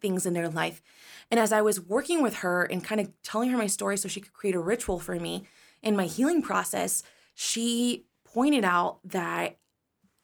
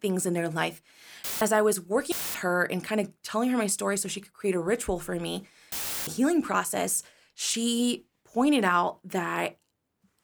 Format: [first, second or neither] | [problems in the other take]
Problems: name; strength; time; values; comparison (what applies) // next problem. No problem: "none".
first | audio cutting out; filled with static; at 1 s, at 2 s and at 5.5 s